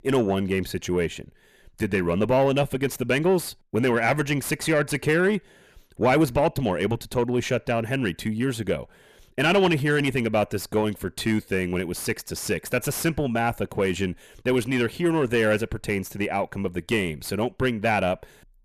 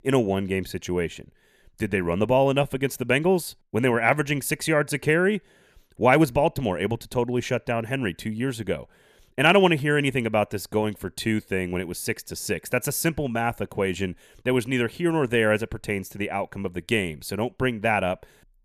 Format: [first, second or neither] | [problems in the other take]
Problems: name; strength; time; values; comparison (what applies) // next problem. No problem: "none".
second | distortion; slight; 10 dB below the speech